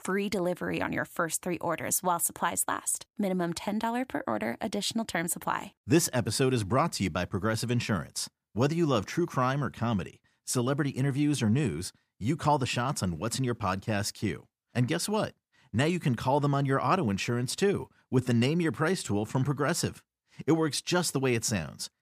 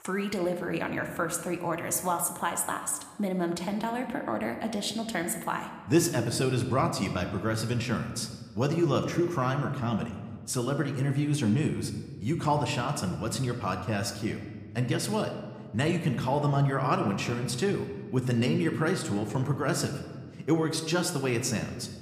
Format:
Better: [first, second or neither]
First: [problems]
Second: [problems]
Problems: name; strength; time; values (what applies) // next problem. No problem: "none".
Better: first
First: none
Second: room echo; slight; dies away in 1.2 s